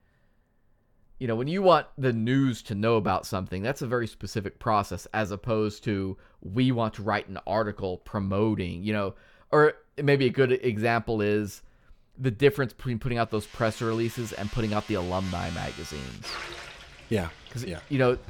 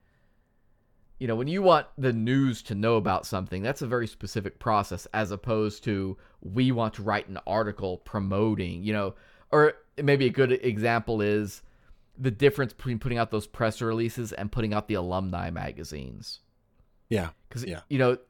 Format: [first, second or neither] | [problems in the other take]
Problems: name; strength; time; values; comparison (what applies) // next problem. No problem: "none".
second | household noises; noticeable; from 13 s on; 15 dB below the speech